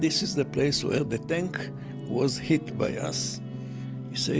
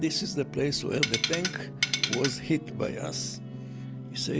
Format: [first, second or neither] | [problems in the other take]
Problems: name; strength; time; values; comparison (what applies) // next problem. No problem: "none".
first | background sound (Tools); as loud as the speech